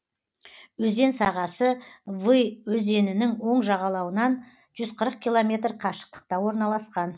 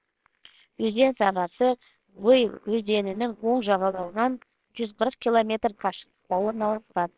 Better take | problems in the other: first | noise reduction (neural separator model SepFormer WHAMR!)

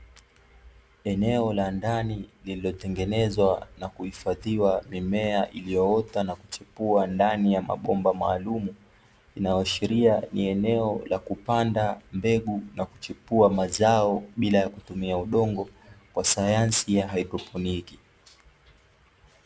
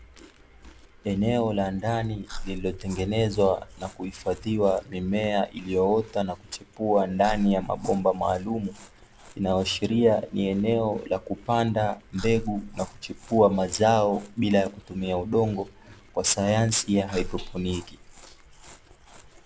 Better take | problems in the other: first | background sound (Chewing, mastication); 17 dB below the speech

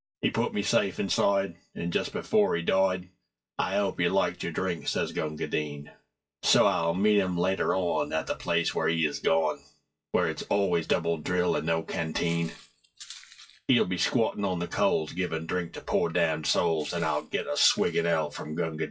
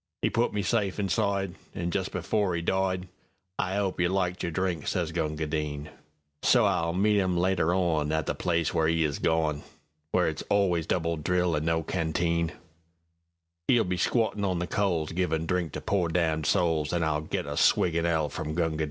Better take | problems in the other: second | noise reduction (classical method WPE with log-MMSE)

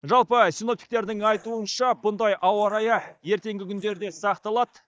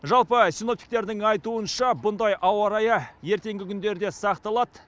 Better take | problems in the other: second | noise reduction (neural mask model DeepFilterNet 3)

